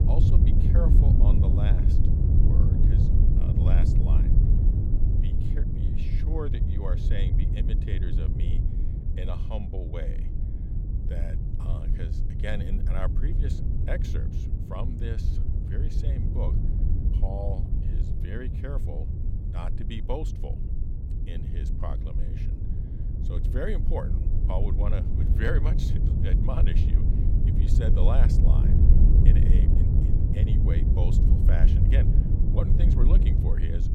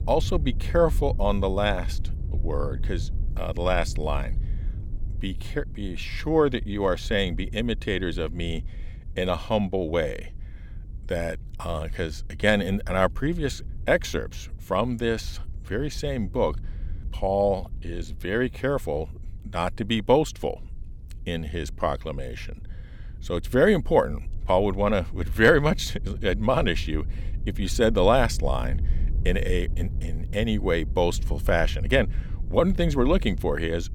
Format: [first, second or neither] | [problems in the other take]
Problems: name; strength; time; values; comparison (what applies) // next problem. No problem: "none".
second | low rumble; loud; throughout; as loud as the speech; faint in the second